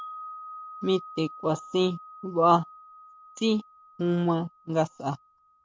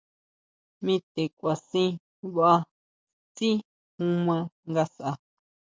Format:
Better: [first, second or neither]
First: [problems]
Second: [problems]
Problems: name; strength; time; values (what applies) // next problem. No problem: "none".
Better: second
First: background sound (Wind chime); 17 dB below the speech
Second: none